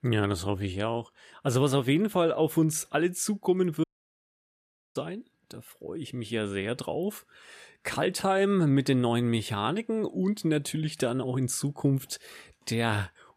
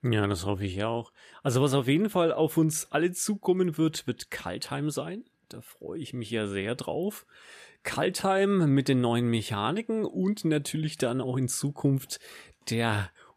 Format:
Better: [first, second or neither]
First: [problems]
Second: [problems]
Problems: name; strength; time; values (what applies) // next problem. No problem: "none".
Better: second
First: audio cutting out; at 4 s for 1 s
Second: none